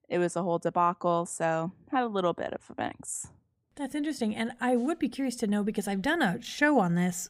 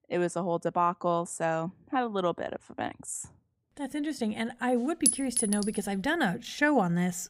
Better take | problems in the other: first | clattering dishes; loud; at 5 s; peak 5 dB above the speech

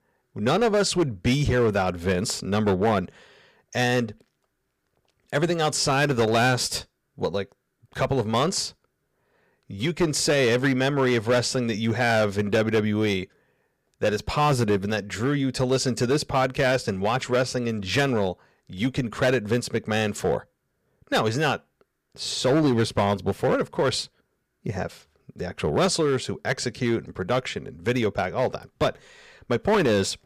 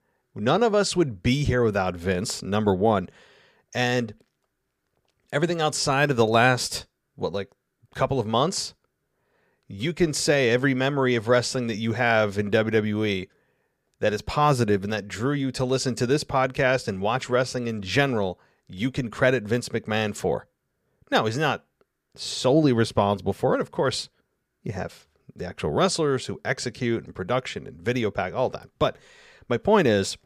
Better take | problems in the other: second | distortion; slight; 6% of the sound clipped

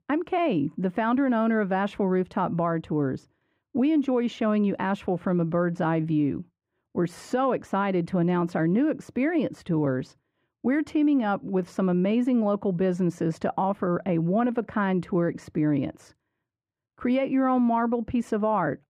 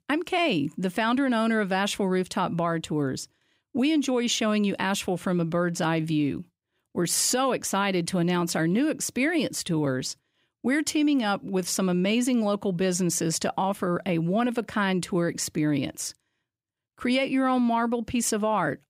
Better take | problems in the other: second | muffled; very; fading above 3 kHz

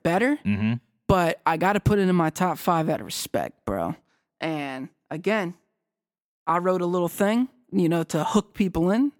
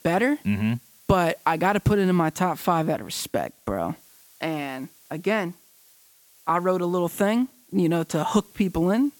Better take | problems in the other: first | hiss; faint; throughout; 25 dB below the speech

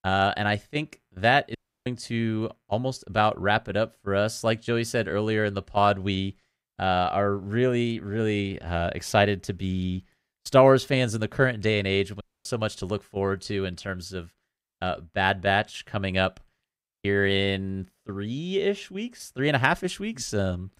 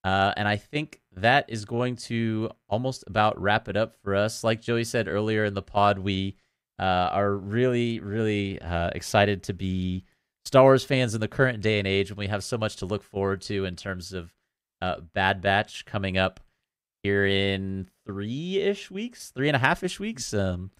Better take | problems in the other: second | audio cutting out; at 1.5 s and at 12 s

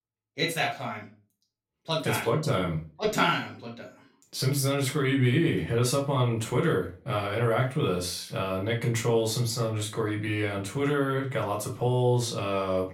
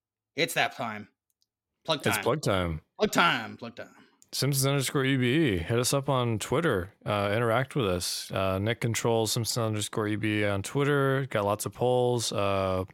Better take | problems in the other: second | off-mic speech; far // room echo; very slight; dies away in 0.3 s

